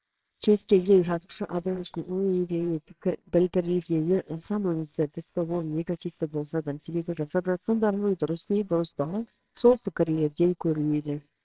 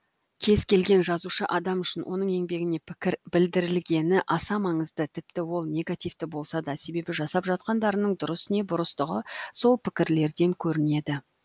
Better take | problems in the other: second | noise reduction (neural separator model SepFormer WHAMR!)

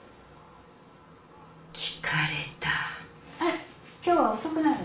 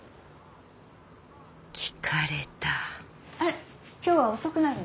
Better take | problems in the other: second | room echo; dies away in 0.4 s

